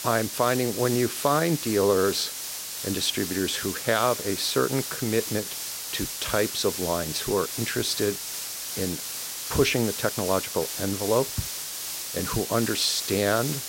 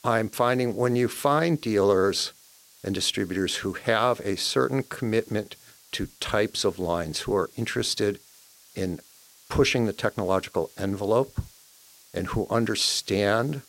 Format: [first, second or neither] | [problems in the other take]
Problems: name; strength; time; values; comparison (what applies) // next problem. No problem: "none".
second | hiss; loud; throughout; 5 dB below the speech; faint in the second